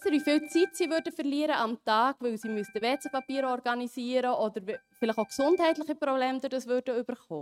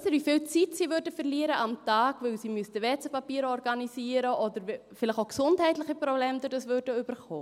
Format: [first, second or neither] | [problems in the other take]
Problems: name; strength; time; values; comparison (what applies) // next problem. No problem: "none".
second | noise reduction (neural mask model RNNoise)